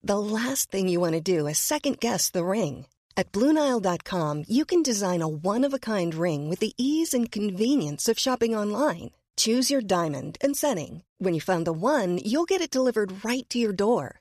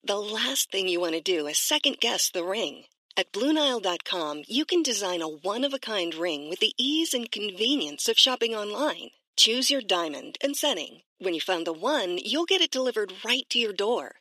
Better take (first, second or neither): first